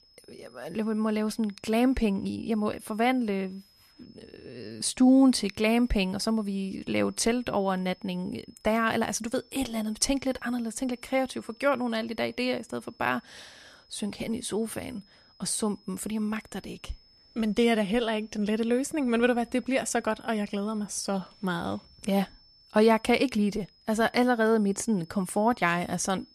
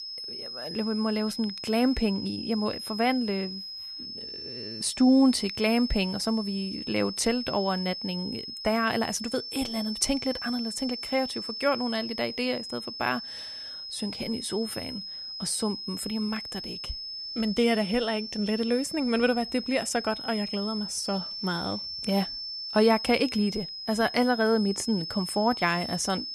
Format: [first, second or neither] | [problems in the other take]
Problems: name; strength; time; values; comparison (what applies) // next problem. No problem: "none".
first | high-pitched whine; loud; throughout; 5 kHz, 7 dB below the speech; faint in the first